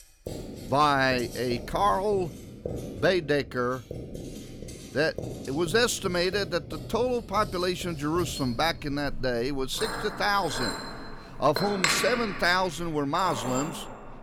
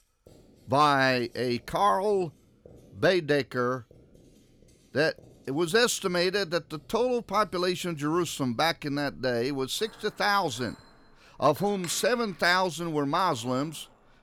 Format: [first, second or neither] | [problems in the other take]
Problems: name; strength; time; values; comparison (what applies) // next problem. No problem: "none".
second | household noises; loud; throughout; 9 dB below the speech; faint in the second